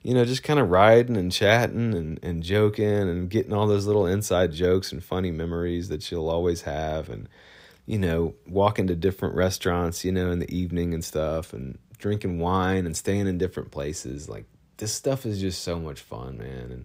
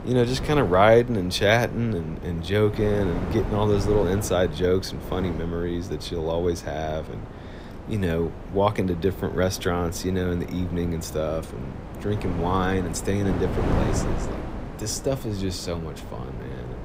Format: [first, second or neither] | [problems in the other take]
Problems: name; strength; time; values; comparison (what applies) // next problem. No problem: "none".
first | wind noise on the microphone; occasional gusts; 10 dB below the speech